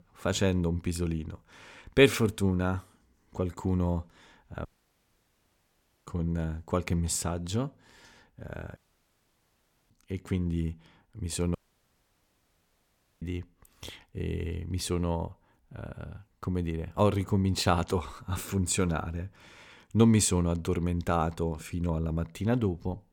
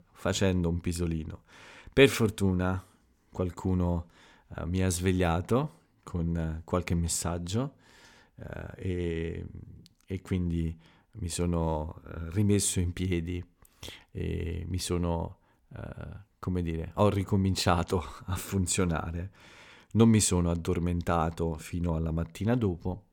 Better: second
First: audio cutting out; at 4.5 s for 1.5 s, at 9 s for 1 s and at 12 s for 1.5 s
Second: none

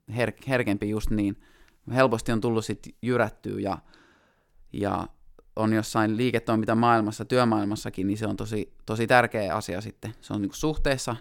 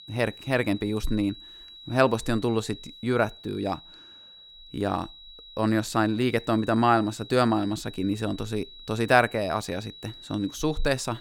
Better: first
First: none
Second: high-pitched whine; noticeable; throughout; 4 kHz, 20 dB below the speech

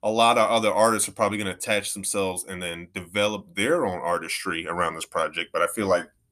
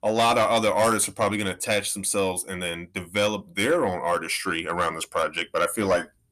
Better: first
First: none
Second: distortion; slight; 10 dB below the speech

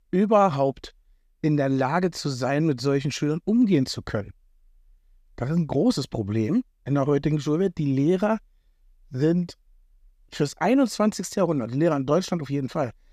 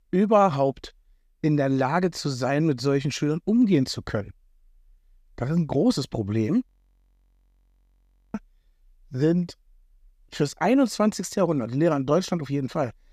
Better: first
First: none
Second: audio freezing; at 6.5 s for 1.5 s

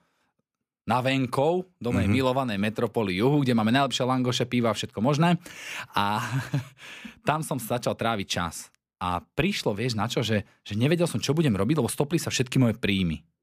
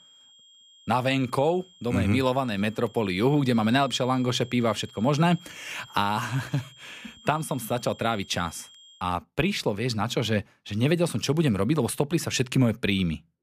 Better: first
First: none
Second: high-pitched whine; faint; until 9 s; 3 kHz, 25 dB below the speech

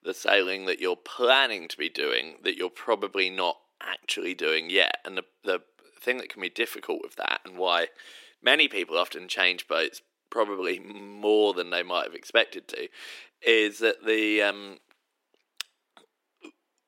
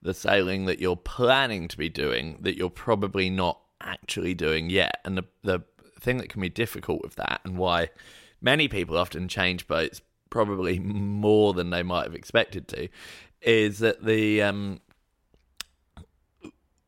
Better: second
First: thin; somewhat; fading below 300 Hz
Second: none

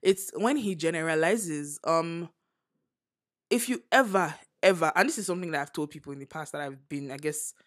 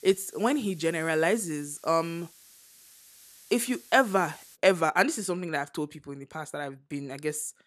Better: first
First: none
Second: hiss; faint; until 4.5 s; 25 dB below the speech

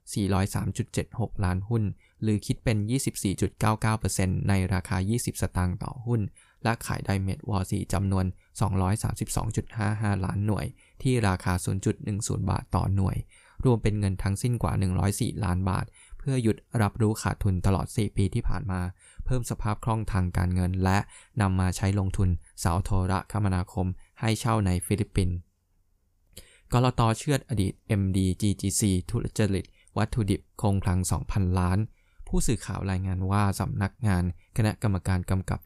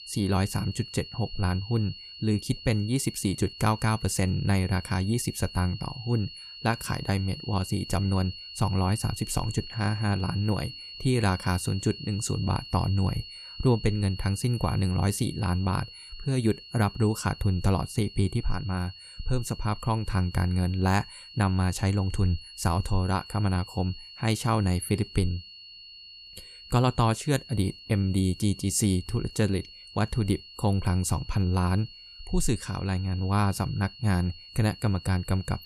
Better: first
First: none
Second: high-pitched whine; noticeable; throughout; 4.5 kHz, 15 dB below the speech

